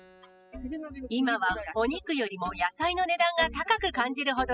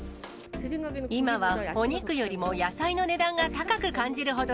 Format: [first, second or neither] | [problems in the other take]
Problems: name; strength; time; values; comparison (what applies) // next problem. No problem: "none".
second | noise reduction (classical method spectral subtraction)